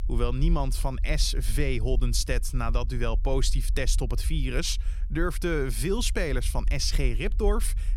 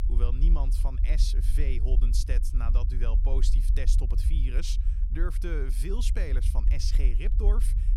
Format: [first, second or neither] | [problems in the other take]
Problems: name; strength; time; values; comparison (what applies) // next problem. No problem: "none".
first | low rumble; loud; throughout; 9 dB below the speech; faint in the first